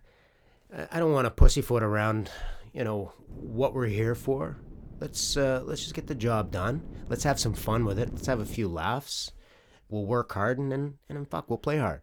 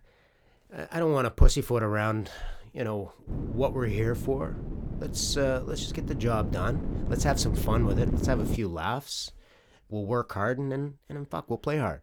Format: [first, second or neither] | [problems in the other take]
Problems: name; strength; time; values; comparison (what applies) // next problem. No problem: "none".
first | wind noise on the microphone; heavy; from 3.5 to 8.5 s; 10 dB below the speech; occasional gusts in the first